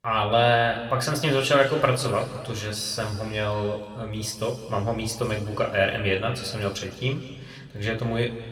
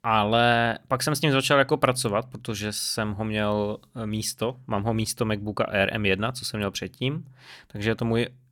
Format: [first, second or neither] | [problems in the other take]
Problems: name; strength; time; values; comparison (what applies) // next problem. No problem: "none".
second | room echo; slight; dies away in 2.1 s // off-mic speech; somewhat distant